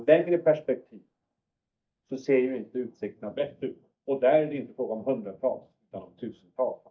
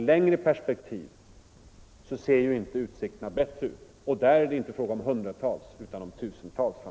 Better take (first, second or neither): second